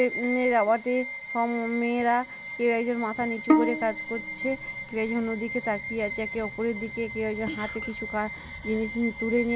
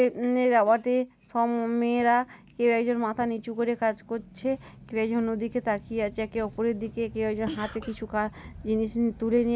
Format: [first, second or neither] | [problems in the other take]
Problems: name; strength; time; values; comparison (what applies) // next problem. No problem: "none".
second | background sound (Bowed string instrument + Bowed string instrument); 5 dB below the speech